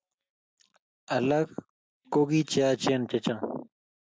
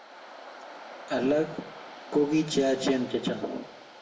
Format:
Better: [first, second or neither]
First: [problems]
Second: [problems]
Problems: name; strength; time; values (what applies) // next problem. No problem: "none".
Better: first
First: none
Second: background sound (Waves, surf); 16 dB below the speech // room echo; dies away in 0.7 s